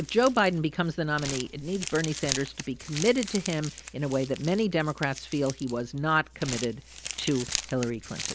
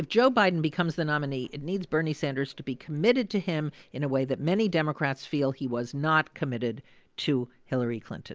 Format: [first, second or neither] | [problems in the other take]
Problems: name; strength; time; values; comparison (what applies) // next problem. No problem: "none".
second | background sound (Crumpling, crinkling); 10 dB below the speech